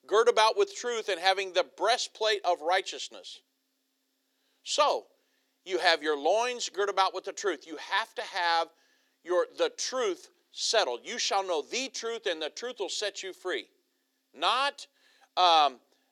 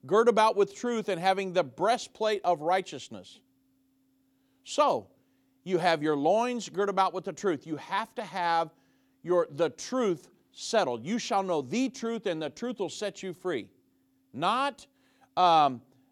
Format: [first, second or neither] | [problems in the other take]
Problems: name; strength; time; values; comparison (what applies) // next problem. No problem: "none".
second | thin; very; fading below 400 Hz